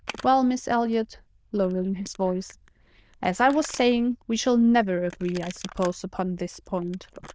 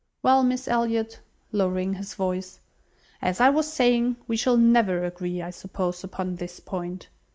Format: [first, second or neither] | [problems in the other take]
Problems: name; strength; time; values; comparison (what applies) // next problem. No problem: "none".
second | noise reduction (neural diffusion model UNIVERSE++)